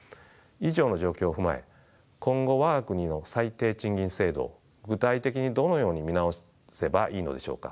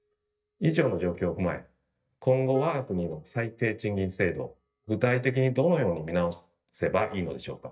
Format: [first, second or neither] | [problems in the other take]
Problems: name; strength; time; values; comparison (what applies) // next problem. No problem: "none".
first | noise reduction (neural mask model DeepFilterNet 3)